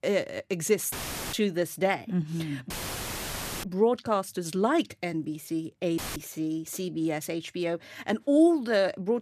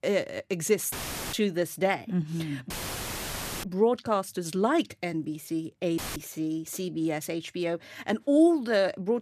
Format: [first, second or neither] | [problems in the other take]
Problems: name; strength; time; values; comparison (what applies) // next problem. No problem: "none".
neither | audio cutting out; filled with static; at 1 s, at 2.5 s for 1 s and at 6 s; the same in both